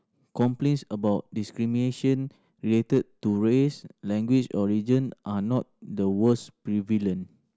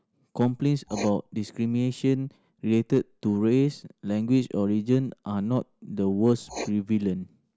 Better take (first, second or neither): first